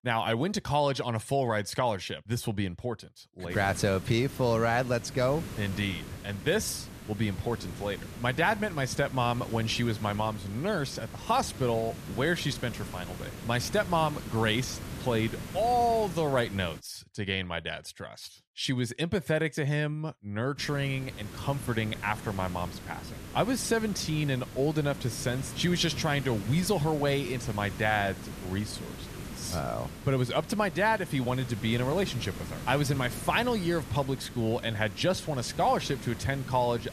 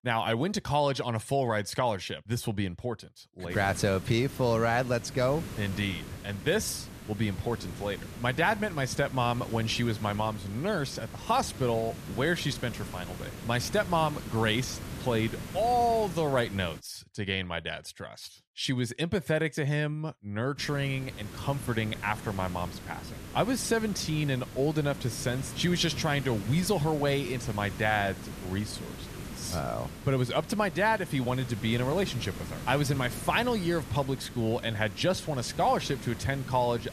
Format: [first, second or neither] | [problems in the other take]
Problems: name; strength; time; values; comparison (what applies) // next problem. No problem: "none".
neither | hiss; noticeable; from 3.5 to 17 s and from 21 s on; 10 dB below the speech; the same in both